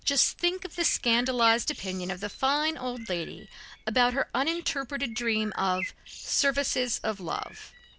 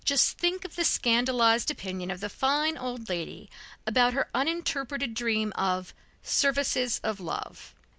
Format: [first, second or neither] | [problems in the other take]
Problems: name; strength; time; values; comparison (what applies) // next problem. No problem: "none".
second | background sound (Bird); 16 dB below the speech